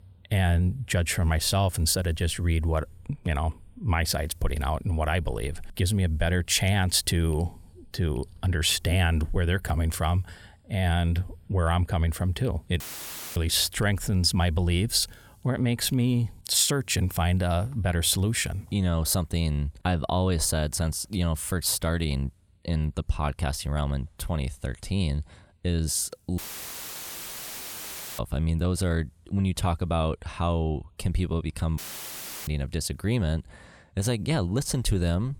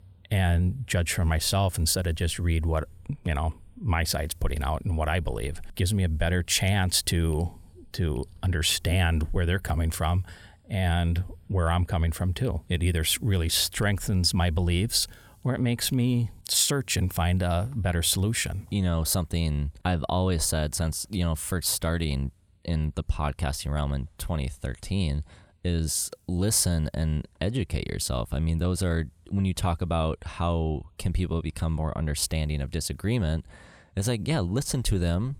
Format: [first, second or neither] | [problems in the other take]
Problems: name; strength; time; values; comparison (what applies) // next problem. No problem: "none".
second | audio cutting out; filled with static; at 13 s for 0.5 s, at 26 s for 2 s and at 32 s for 0.5 s